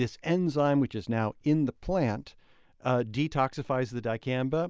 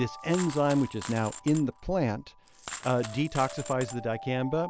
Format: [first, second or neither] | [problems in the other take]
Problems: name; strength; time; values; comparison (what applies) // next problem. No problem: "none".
first | background sound (Alarm + Coin (dropping)); 13 dB below the speech